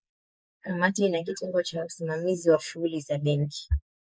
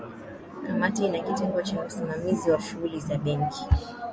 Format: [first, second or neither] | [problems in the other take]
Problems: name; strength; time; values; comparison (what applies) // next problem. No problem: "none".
second | noise reduction (neural mask model Resemble Enhance denoiser)